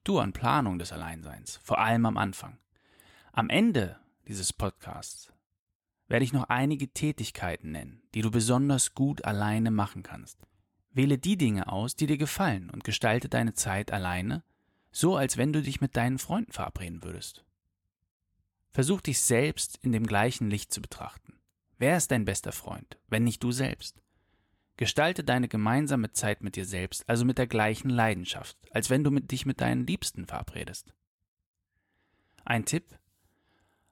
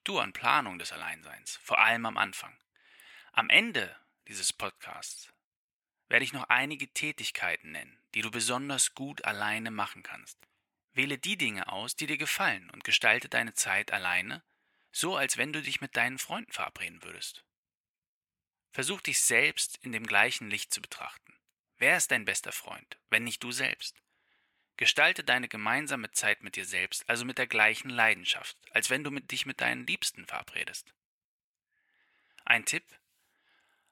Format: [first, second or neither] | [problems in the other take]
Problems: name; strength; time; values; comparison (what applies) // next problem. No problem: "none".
first | thin; somewhat; fading below 950 Hz